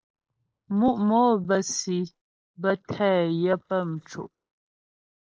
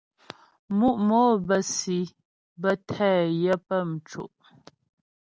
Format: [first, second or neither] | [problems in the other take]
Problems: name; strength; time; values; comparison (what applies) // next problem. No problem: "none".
second | noise reduction (neural mask model Resemble Enhance denoiser)